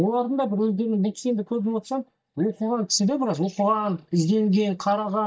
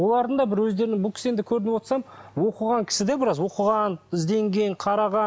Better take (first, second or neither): second